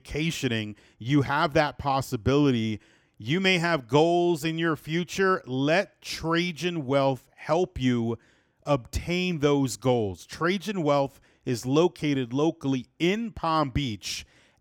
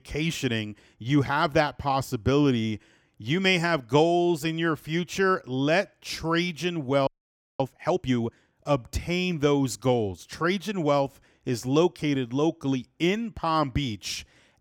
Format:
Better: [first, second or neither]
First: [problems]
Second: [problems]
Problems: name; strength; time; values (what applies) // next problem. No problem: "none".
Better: first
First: none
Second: audio freezing; at 7 s for 0.5 s